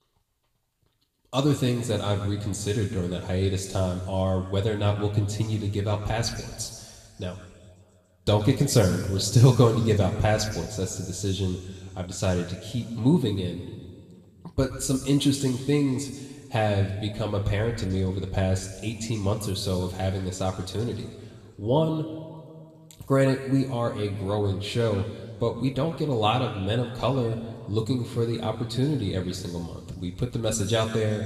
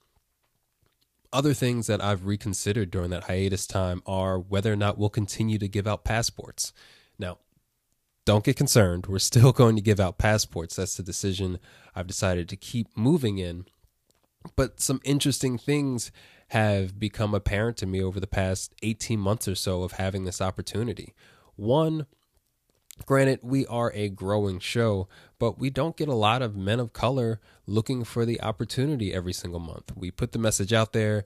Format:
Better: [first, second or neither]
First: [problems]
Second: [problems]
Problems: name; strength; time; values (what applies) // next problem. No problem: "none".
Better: second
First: room echo; noticeable; dies away in 2 s // off-mic speech; somewhat distant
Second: none